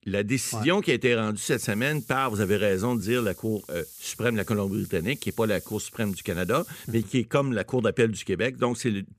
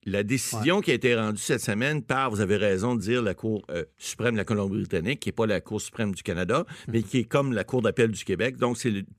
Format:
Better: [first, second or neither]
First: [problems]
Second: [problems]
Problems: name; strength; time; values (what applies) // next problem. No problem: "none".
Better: second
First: hiss; noticeable; from 1.5 to 7 s; 20 dB below the speech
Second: none